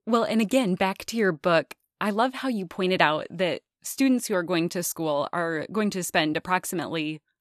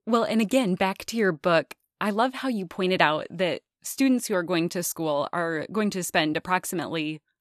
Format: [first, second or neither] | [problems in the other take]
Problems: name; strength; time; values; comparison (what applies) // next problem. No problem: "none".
neither | none